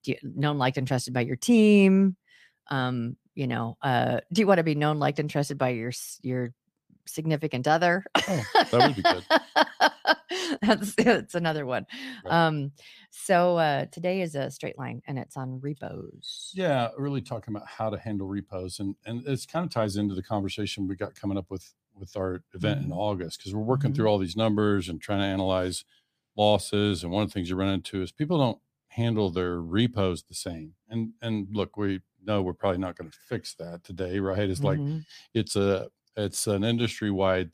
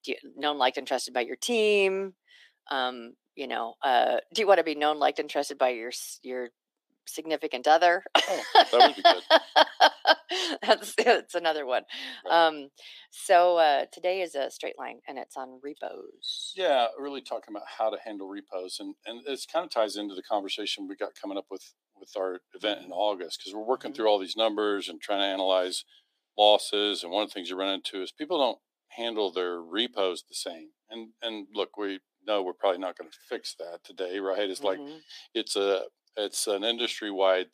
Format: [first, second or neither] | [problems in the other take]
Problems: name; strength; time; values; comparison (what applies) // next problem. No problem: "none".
first | thin; very; fading below 300 Hz